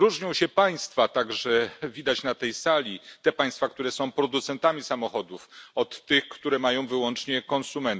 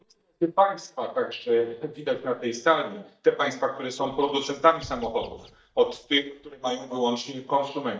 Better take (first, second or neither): first